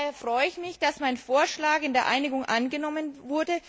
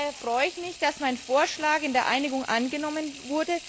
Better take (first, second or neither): first